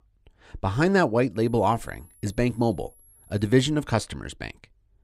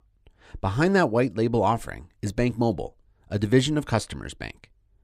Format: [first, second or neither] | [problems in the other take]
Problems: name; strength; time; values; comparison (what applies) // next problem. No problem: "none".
second | high-pitched whine; faint; from 1.5 to 3.5 s; 11 kHz, 30 dB below the speech